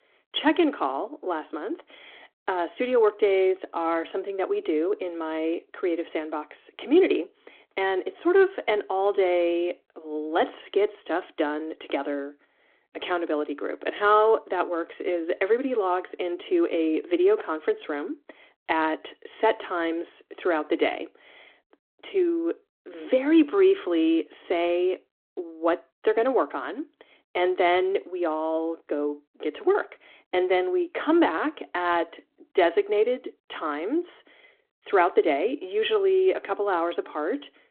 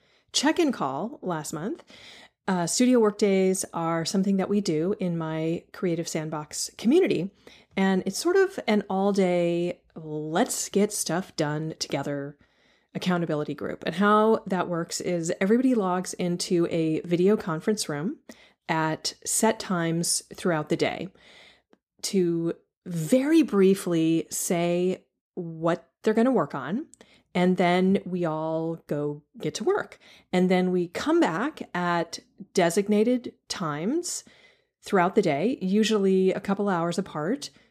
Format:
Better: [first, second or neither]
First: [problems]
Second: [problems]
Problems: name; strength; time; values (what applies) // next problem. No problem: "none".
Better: second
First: phone-call audio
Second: none